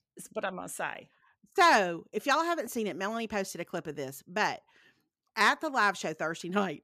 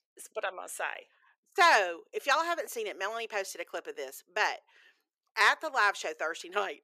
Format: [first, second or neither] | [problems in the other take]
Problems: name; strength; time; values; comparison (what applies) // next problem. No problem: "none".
first | thin; very; fading below 450 Hz